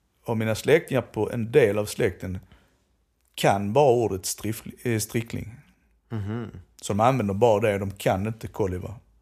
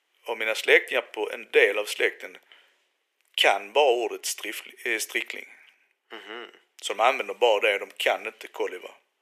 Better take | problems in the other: first | thin; very; fading below 350 Hz

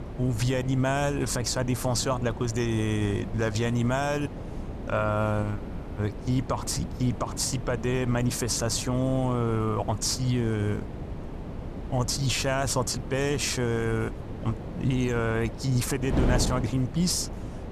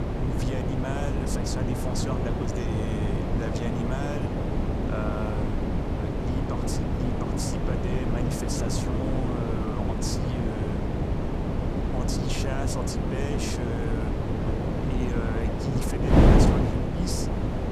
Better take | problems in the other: first | wind noise on the microphone; heavy; 5 dB above the speech; occasional gusts in the first

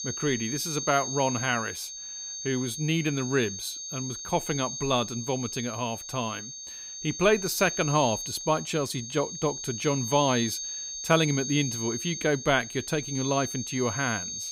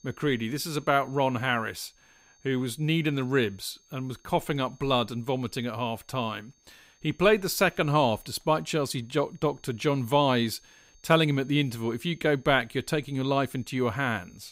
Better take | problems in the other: second | high-pitched whine; loud; throughout; 6.5 kHz, 6 dB below the speech; faint in the second

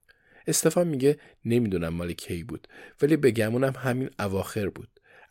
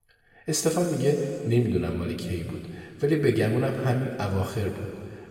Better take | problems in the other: first | room echo; noticeable; dies away in 2.2 s // off-mic speech; somewhat distant

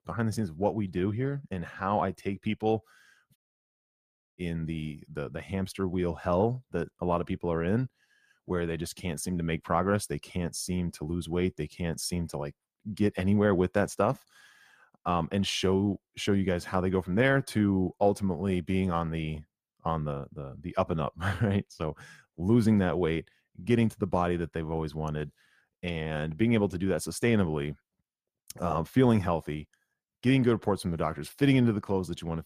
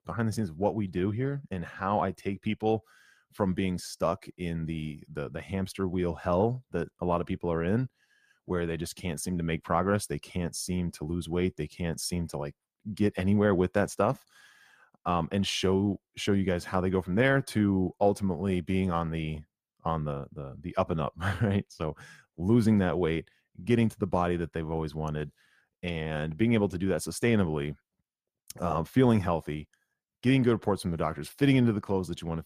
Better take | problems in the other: second | audio cutting out; at 3.5 s for 1 s

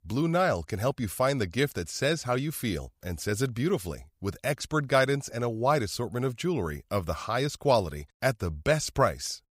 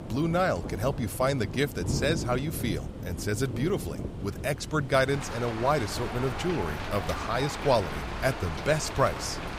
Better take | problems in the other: first | rain or running water; loud; throughout; 7 dB below the speech

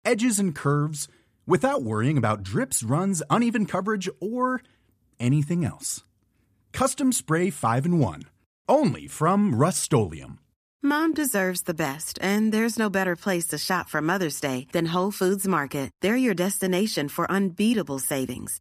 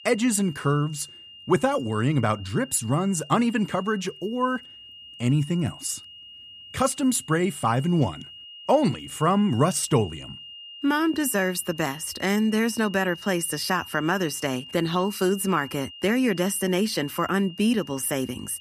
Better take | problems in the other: first | high-pitched whine; noticeable; throughout; 3 kHz, 15 dB below the speech

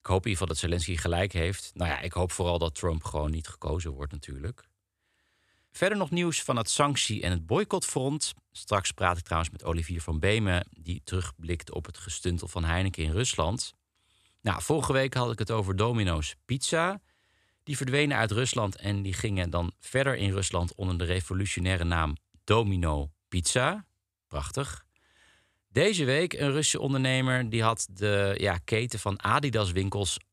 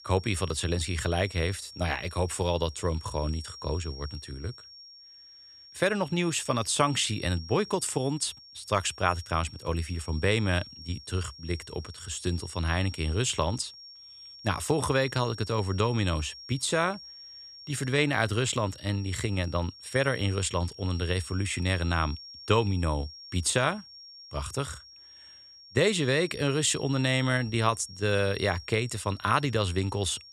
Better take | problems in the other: first | high-pitched whine; noticeable; throughout; 5.5 kHz, 15 dB below the speech

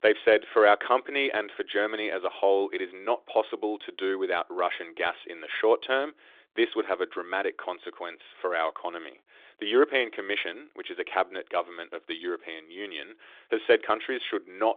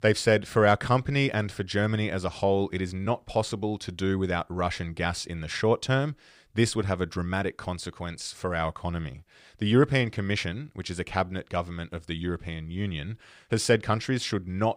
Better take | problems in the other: second | phone-call audio; nothing above 3.5 kHz

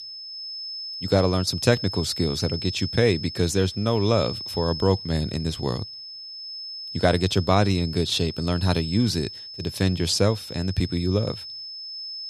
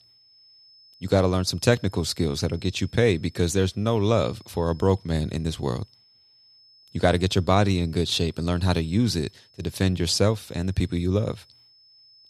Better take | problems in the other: second | high-pitched whine; loud; throughout; 5 kHz, 9 dB below the speech; faint in the second

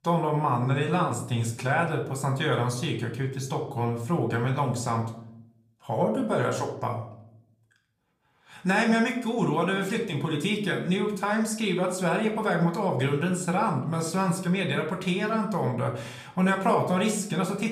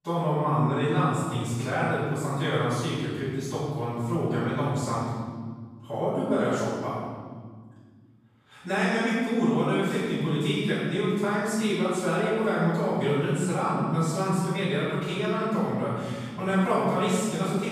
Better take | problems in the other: first | room echo; strong; dies away in 1.8 s; slight in the first // off-mic speech; far; somewhat distant in the first

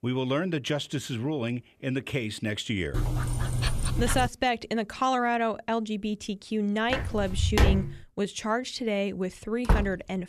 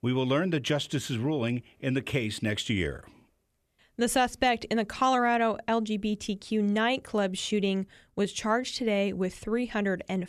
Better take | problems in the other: second | dog barking; loud; from 3 to 4.5 s; peak 1 dB above the speech // footsteps; loud; at 7 s; peak 6 dB above the speech // door banging; loud; at 9.5 s; peak 2 dB above the speech

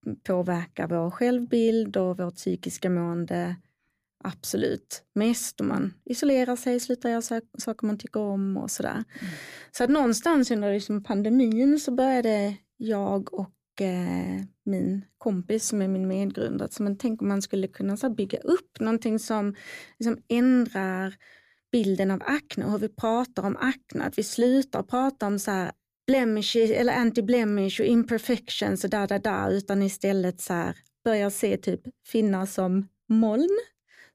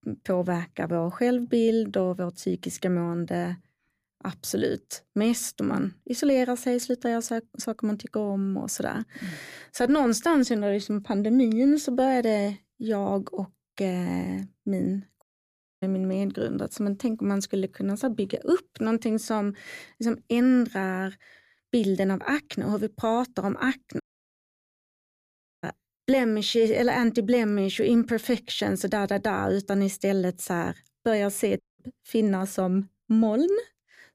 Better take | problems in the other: first | audio cutting out; at 15 s for 0.5 s, at 24 s for 1.5 s and at 32 s

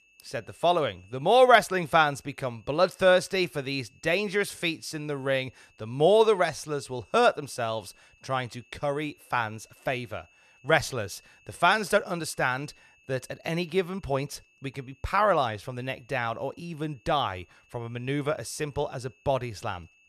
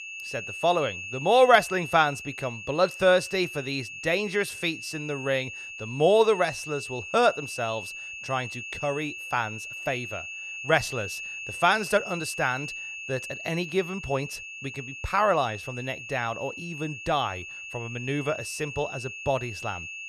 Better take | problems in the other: first | high-pitched whine; loud; throughout; 2.5 kHz, 9 dB below the speech; faint in the first

